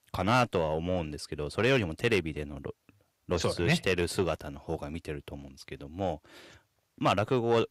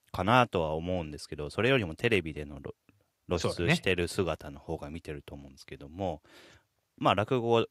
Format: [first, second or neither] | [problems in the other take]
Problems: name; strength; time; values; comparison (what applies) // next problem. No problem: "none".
second | distortion; slight; 10 dB below the speech